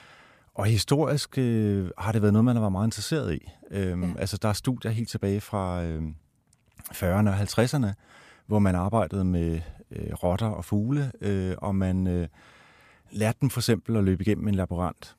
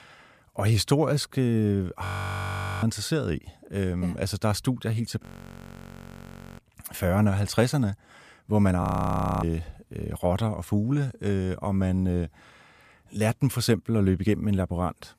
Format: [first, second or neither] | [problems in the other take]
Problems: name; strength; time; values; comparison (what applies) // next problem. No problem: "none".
first | audio freezing; at 2 s for 1 s, at 5 s for 1.5 s and at 9 s for 0.5 s